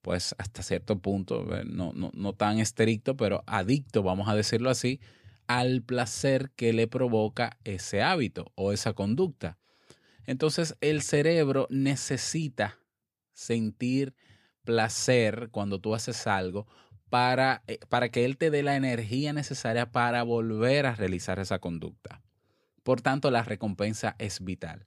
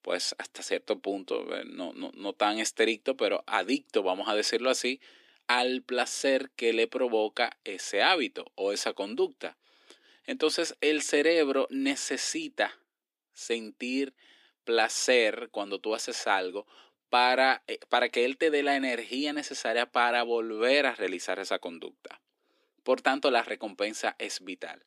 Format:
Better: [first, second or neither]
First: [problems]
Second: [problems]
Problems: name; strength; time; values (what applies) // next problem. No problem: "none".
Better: first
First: none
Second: thin; somewhat; fading below 300 Hz